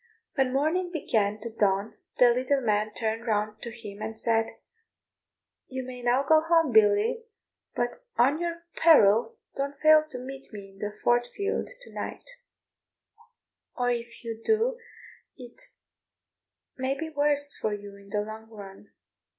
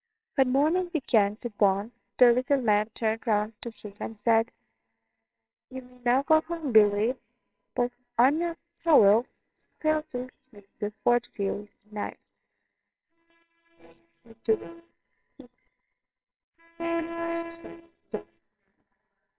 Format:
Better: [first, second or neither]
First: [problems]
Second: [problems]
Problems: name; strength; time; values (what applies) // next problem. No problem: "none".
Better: first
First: none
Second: noise reduction (neural separator model SepFormer WHAMR!)